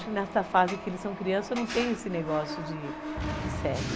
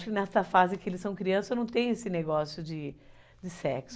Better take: second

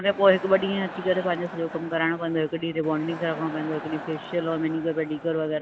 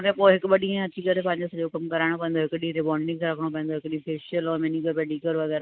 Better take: second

